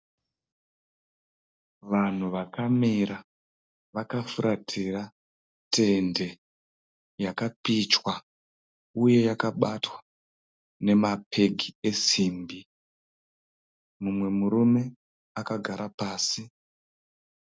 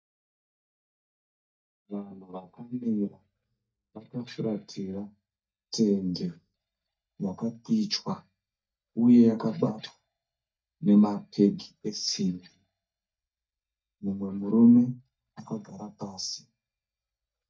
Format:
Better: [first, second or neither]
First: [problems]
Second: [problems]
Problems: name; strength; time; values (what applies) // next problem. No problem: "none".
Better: first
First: none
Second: noise reduction (neural mask model DeepFilterNet 3)